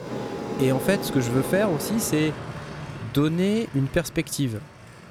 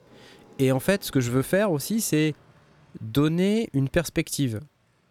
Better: second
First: train or aircraft noise; loud; throughout; 8 dB below the speech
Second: train or aircraft noise; faint; throughout; 30 dB below the speech

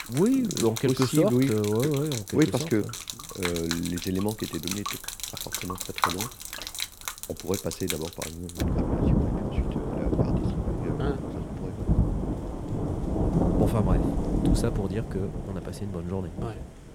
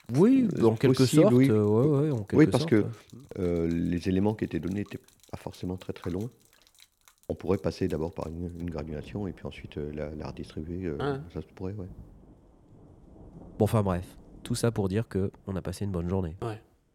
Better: second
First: rain or running water; loud; throughout; 1 dB below the speech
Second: rain or running water; faint; throughout; 25 dB below the speech

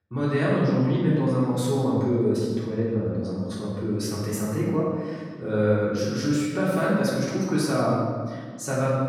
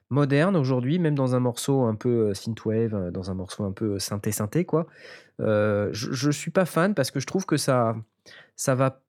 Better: second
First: room echo; strong; dies away in 1.5 s // off-mic speech; far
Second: none

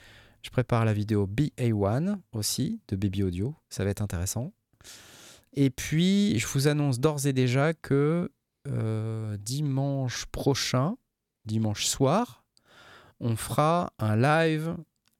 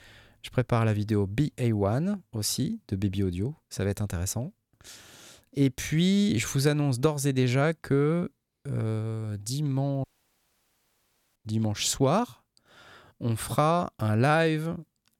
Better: first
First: none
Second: audio cutting out; at 10 s for 1.5 s

